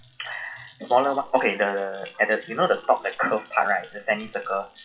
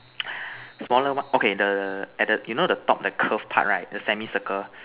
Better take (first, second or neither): second